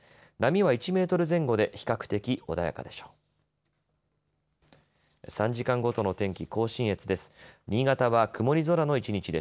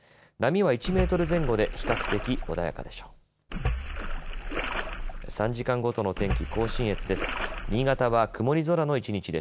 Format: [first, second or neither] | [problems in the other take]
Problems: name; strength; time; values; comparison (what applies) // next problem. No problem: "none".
first | background sound (Splash, splatter); 4 dB below the speech